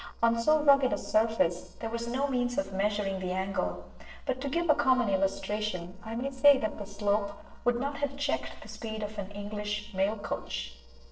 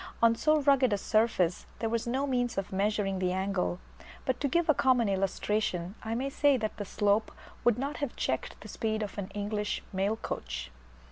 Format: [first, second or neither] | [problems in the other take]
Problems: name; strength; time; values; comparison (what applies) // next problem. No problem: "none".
second | noise reduction (neural separator model SepFormer DNS4)